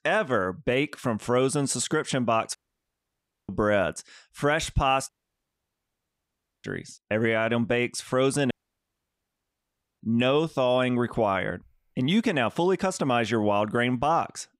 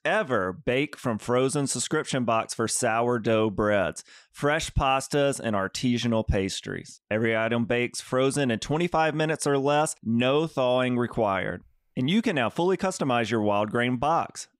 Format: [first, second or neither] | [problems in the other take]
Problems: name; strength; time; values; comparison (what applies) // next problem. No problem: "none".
second | audio cutting out; at 2.5 s for 1 s, at 5 s for 1.5 s and at 8.5 s for 1.5 s